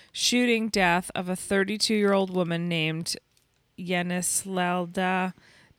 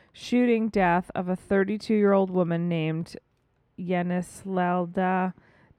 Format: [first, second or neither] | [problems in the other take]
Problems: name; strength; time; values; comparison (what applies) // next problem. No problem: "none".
first | muffled; very; fading above 2.5 kHz